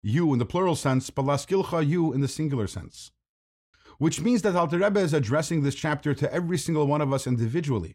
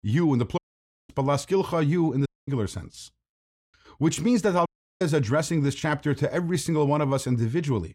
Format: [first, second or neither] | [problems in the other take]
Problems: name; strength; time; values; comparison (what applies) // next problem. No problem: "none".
first | audio cutting out; at 0.5 s for 0.5 s, at 2.5 s and at 4.5 s